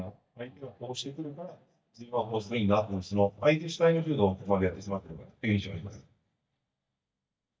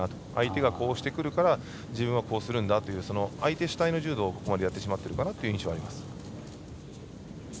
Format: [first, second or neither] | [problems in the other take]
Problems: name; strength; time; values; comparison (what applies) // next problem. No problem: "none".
second | noise reduction (neural mask model DeepFilterNet 3)